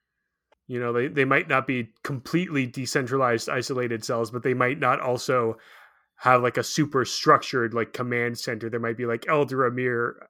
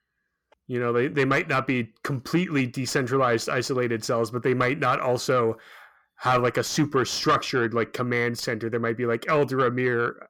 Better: first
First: none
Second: distortion; slight; 10 dB below the speech

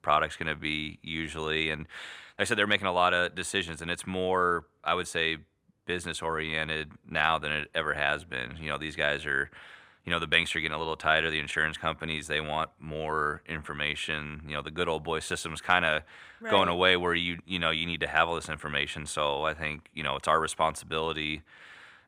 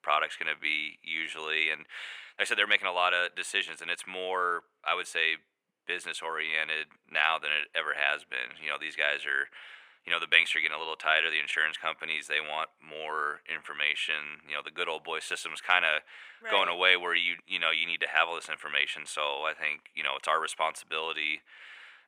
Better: first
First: none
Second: thin; very; fading below 450 Hz

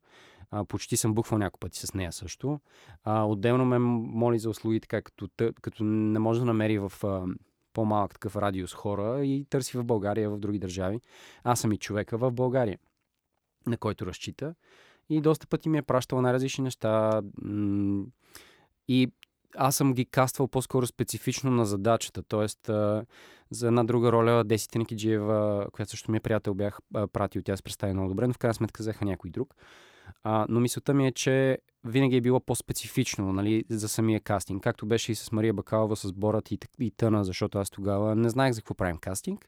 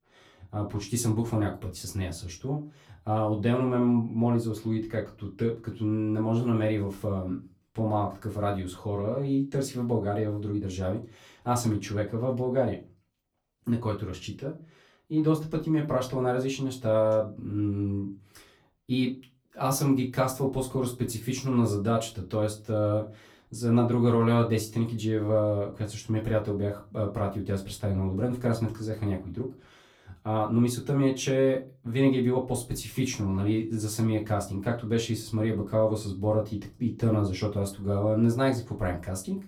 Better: first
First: none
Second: off-mic speech; far // room echo; very slight; dies away in 0.2 s

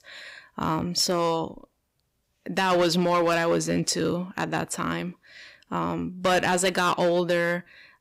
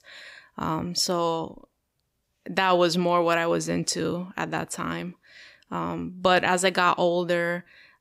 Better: second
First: distortion; slight; 6% of the sound clipped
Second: none

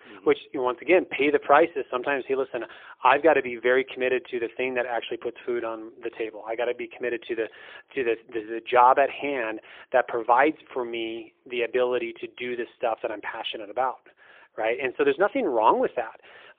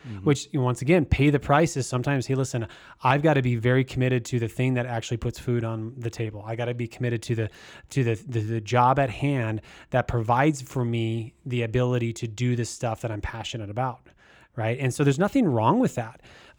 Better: second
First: phone-call audio; poor line; nothing above 3.5 kHz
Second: none

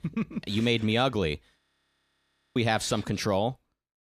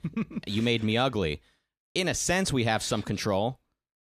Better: second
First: audio freezing; at 1.5 s for 1 s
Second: none

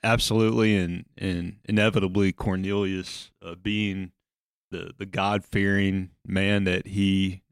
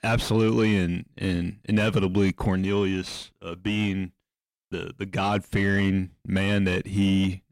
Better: first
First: none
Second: distortion; slight; 10 dB below the speech

